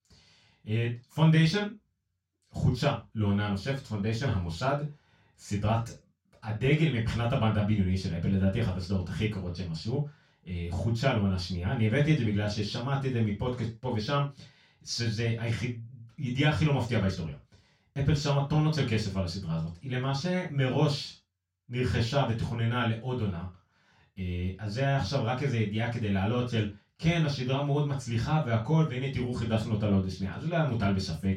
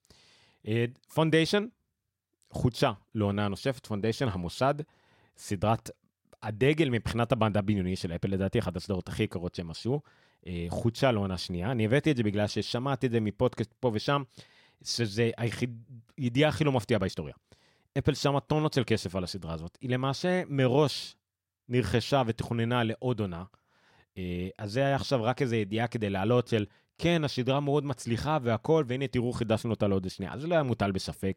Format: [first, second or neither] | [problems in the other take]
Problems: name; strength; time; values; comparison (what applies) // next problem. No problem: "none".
second | room echo; noticeable; dies away in 0.2 s // off-mic speech; far